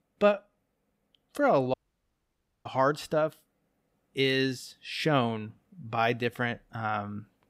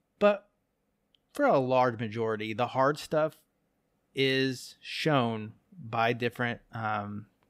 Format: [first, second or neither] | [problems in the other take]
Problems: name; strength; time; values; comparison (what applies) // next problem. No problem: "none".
second | audio cutting out; at 1.5 s for 1 s